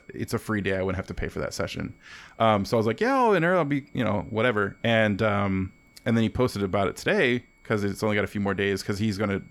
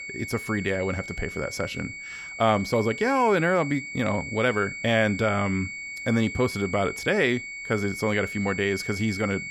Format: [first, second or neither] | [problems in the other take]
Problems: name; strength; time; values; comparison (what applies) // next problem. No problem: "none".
first | high-pitched whine; loud; throughout; 2 kHz, 8 dB below the speech; faint in the first